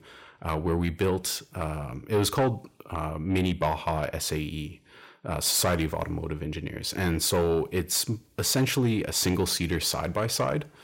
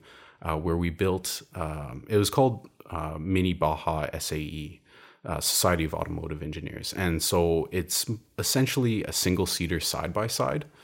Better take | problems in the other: second | distortion; slight; 10 dB below the speech

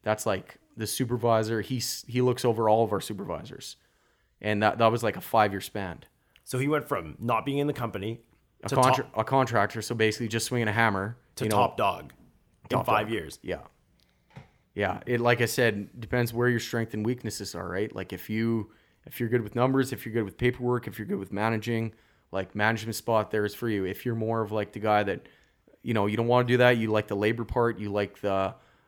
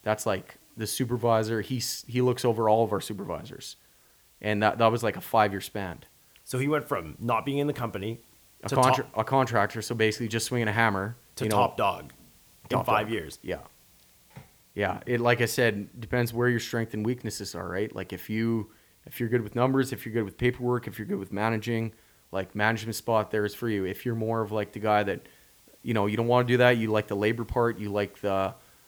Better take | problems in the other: first | hiss; faint; throughout; 30 dB below the speech

